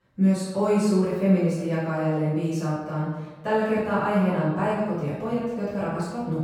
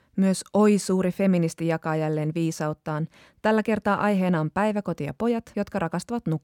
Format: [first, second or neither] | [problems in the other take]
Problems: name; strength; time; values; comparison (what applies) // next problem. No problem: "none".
second | off-mic speech; far // room echo; strong; dies away in 1 s